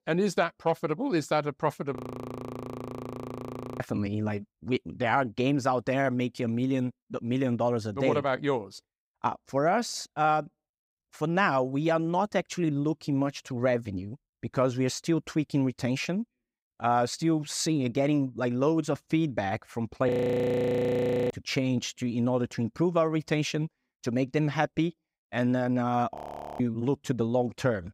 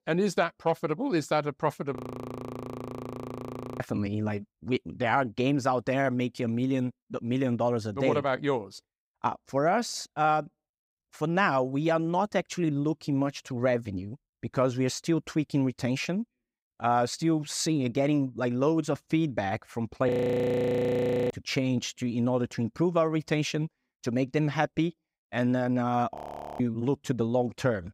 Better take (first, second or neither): neither